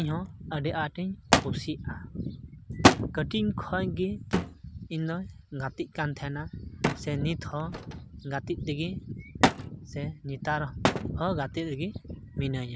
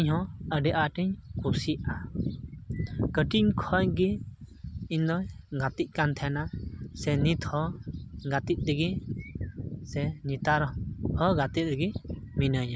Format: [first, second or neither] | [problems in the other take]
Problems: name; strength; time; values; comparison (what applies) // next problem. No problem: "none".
second | background sound (Thump, thud); as loud as the speech